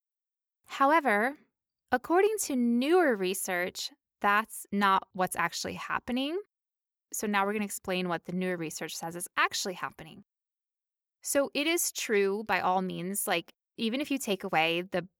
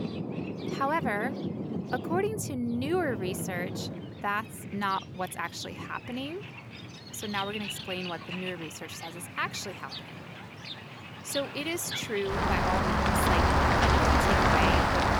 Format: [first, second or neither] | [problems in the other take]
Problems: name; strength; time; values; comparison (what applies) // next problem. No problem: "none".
first | rain or running water; very loud; throughout; 4 dB above the speech